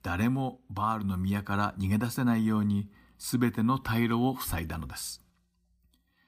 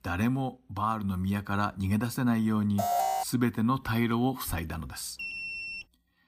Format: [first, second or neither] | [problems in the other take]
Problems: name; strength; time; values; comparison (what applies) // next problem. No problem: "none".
first | alarm; loud; at 3 s; peak 2 dB above the speech // alarm; noticeable; at 5 s; peak 4 dB below the speech